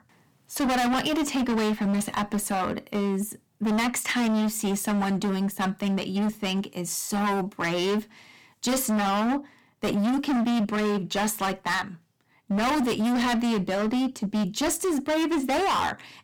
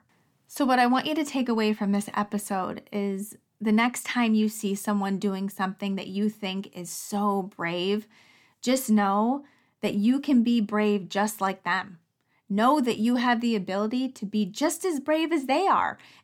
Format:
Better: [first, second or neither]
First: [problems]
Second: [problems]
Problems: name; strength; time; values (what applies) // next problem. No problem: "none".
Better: second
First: distortion; heavy; 28% of the sound clipped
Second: none